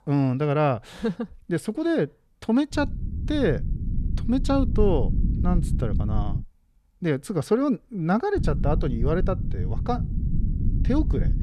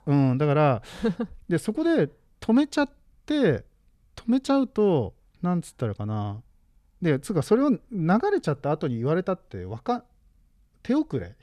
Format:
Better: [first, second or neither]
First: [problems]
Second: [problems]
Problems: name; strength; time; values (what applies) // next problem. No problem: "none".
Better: second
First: low rumble; noticeable; from 2.5 to 6.5 s and from 8.5 s on; 15 dB below the speech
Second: none